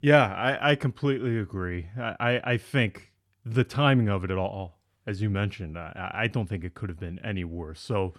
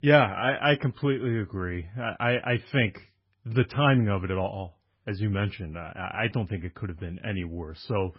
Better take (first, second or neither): first